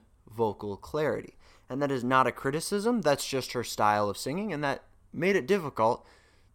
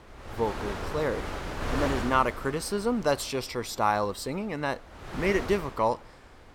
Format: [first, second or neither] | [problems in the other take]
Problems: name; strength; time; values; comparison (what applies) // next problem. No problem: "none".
first | wind noise on the microphone; heavy; 8 dB below the speech